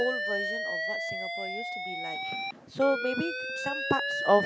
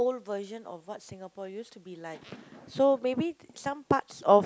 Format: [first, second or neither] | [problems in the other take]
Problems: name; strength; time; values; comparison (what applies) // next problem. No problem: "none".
second | background sound (Alarm); 2 dB below the speech